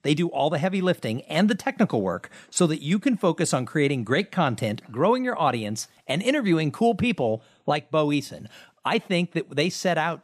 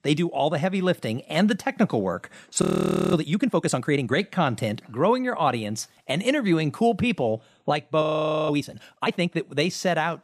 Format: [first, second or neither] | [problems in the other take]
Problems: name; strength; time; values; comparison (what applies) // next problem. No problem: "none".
first | audio freezing; at 2.5 s for 0.5 s and at 8 s